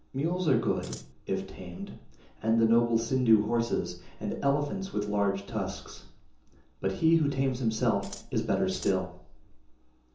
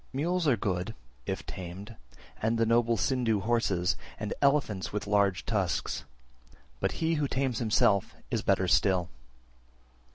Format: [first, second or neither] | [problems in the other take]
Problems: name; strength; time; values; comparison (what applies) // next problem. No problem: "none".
second | background sound (Scissors); 16 dB below the speech // room echo; dies away in 0.6 s